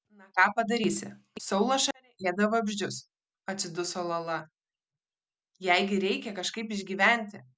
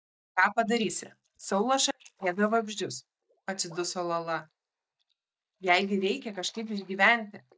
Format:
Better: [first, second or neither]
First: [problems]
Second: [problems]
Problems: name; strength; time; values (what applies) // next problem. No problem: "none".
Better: first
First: none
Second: noise reduction (neural mask model DeepFilterNet 3)